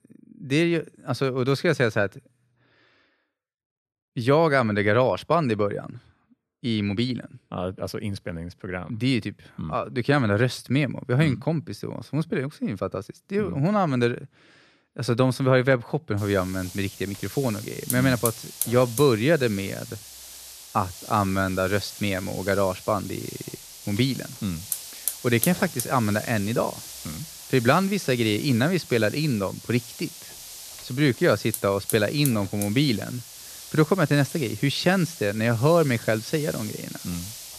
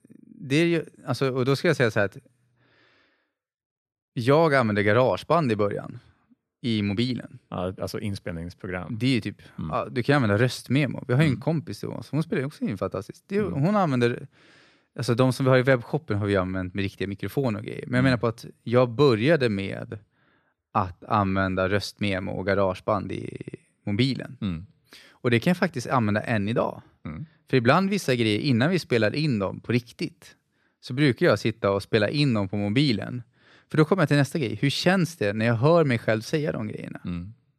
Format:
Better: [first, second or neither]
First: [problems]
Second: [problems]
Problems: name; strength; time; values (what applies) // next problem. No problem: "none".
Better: second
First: hiss; noticeable; from 16 s on; 10 dB below the speech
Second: none